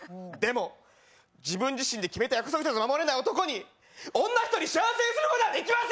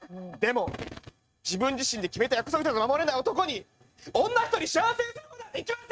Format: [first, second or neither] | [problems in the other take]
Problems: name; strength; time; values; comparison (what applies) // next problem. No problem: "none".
first | noise reduction (neural mask model RNNoise)